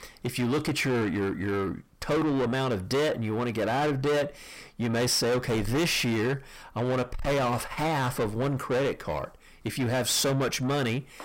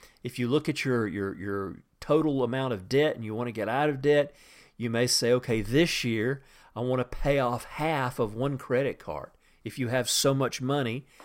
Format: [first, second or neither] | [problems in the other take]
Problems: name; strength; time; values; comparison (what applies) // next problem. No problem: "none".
second | distortion; heavy; 6 dB below the speech